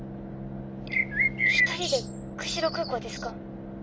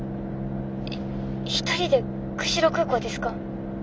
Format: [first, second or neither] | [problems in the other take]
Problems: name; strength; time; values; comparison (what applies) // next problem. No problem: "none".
second | background sound (Bird); 4 dB above the speech